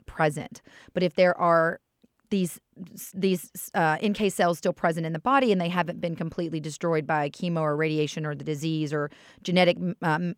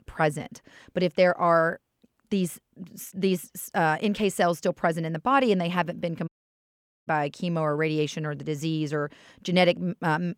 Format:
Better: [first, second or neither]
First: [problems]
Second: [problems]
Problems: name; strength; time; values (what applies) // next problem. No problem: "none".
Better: first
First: none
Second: audio cutting out; at 6.5 s for 1 s